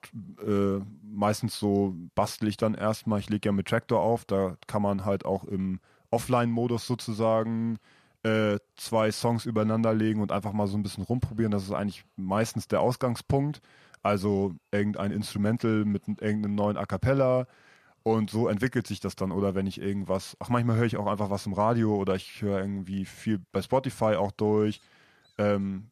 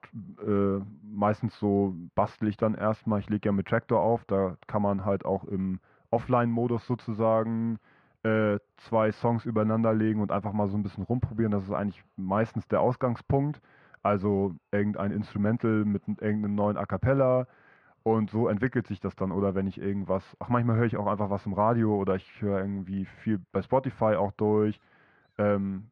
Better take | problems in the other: first | muffled; very; fading above 1.5 kHz

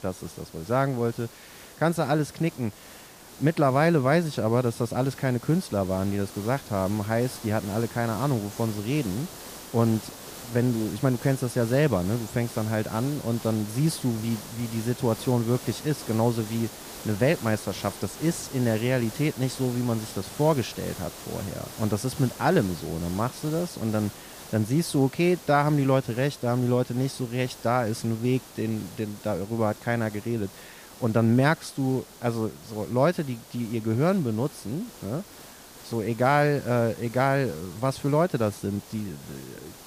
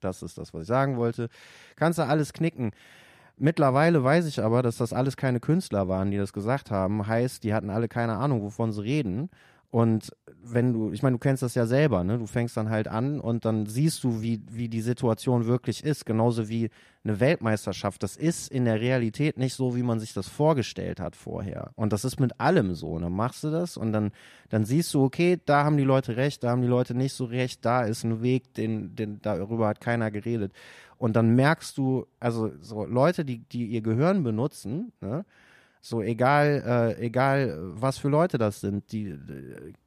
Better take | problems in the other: second | hiss; noticeable; throughout; 15 dB below the speech

